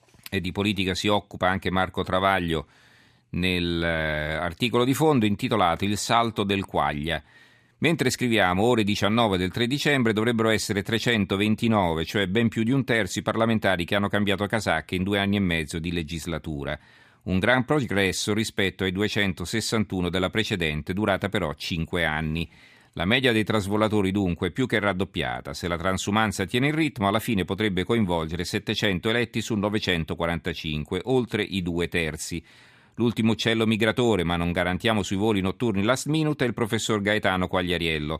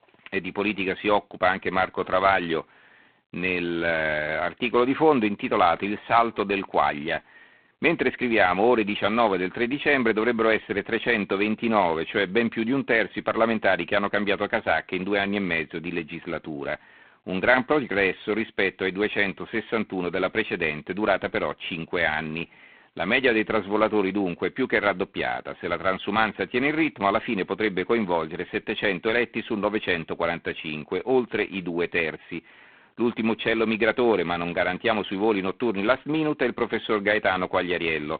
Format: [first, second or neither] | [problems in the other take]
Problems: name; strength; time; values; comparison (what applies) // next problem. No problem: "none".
first | phone-call audio; poor line; nothing above 4 kHz